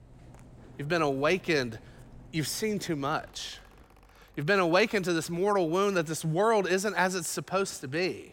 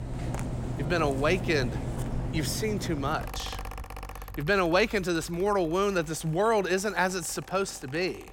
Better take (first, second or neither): first